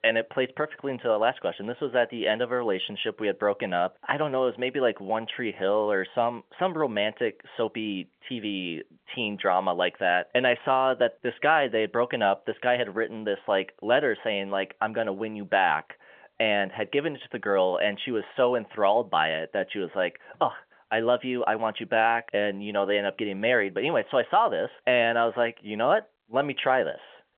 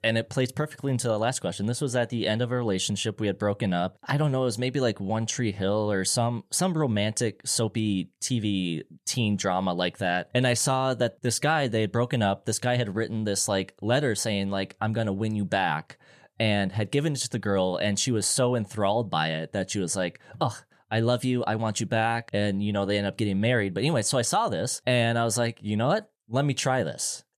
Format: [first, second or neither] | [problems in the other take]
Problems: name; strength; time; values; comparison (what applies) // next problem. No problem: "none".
second | phone-call audio; nothing above 3 kHz